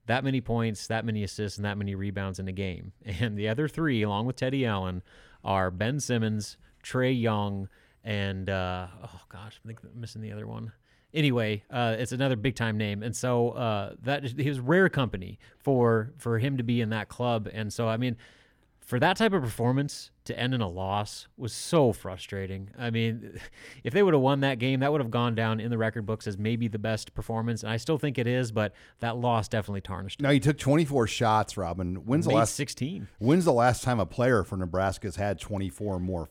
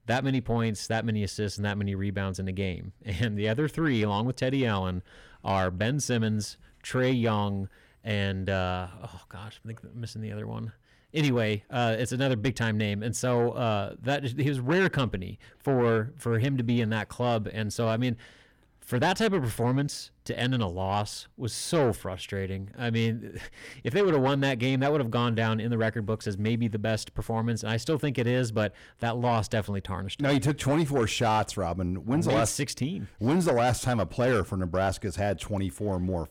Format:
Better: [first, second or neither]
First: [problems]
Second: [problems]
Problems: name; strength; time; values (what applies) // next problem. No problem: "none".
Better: first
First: none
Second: distortion; slight; 10 dB below the speech